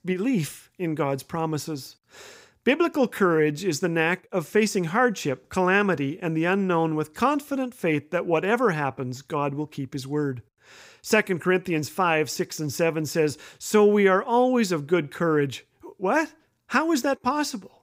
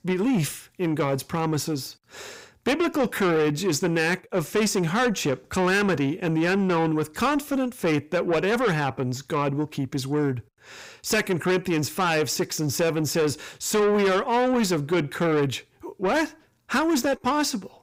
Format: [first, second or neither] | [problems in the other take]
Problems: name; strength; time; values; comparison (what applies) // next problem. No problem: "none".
first | distortion; heavy; 8 dB below the speech